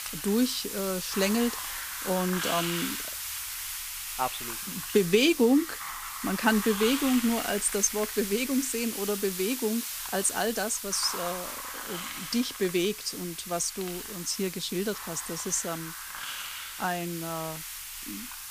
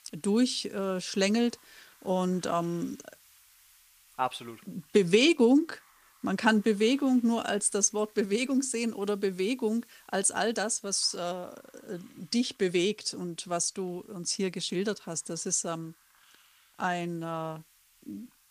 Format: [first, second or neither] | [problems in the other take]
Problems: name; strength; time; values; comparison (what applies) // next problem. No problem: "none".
second | hiss; loud; throughout; 6 dB below the speech; faint in the second